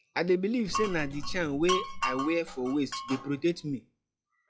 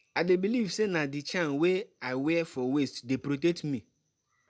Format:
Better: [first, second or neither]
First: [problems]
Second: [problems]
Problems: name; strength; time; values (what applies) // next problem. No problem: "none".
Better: second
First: noise reduction (classical method log-MMSE)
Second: none